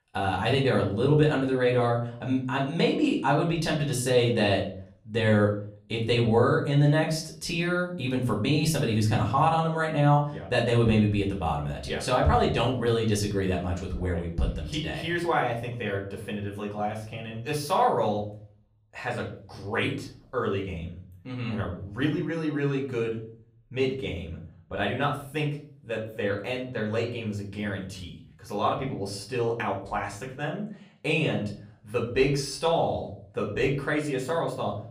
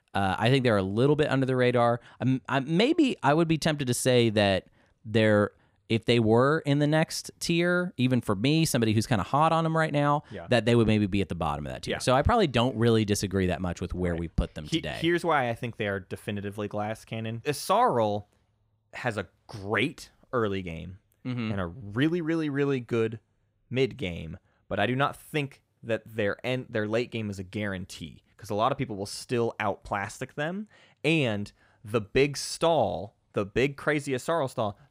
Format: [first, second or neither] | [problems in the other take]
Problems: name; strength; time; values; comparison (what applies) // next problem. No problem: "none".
second | room echo; slight; dies away in 0.5 s // off-mic speech; far